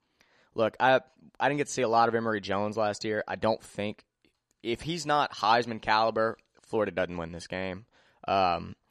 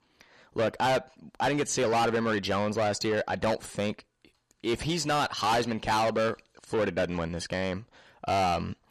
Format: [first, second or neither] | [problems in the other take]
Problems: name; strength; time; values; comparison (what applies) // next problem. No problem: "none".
first | distortion; heavy; 6 dB below the speech